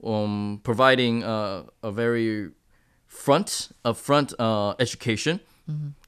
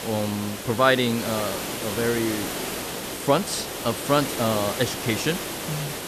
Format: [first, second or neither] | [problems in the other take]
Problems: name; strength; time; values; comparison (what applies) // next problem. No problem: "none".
first | hiss; loud; throughout; 5 dB below the speech